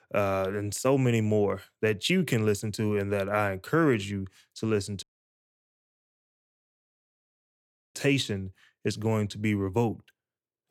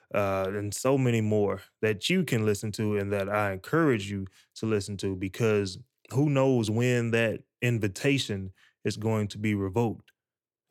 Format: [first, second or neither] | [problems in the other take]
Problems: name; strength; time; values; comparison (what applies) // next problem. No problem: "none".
second | audio cutting out; at 5 s for 3 s